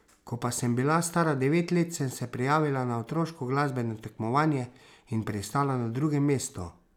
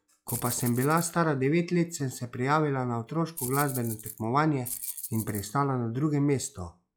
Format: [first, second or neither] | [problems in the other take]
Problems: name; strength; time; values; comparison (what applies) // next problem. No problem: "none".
first | noise reduction (classical method log-MMSE)